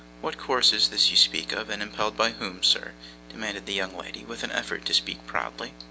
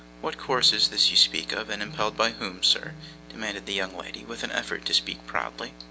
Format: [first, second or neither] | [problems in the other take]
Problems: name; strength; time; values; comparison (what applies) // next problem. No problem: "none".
first | background sound (Piano); 19 dB below the speech